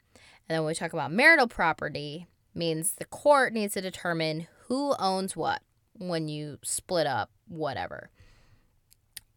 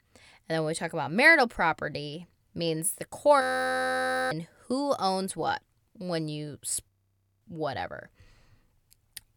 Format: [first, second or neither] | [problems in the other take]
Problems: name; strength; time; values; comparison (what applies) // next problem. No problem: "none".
first | audio freezing; at 3.5 s for 1 s and at 7 s for 0.5 s